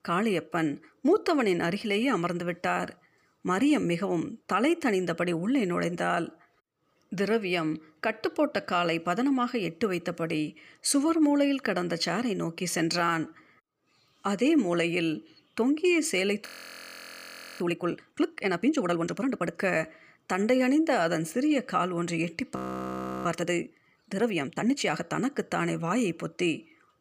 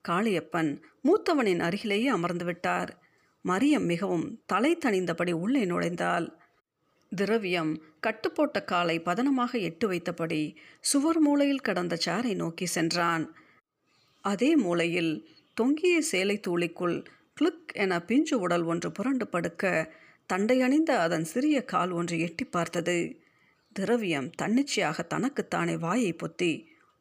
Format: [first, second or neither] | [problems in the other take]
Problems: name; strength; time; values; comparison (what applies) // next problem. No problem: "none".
second | audio freezing; at 16 s for 1 s and at 23 s for 0.5 s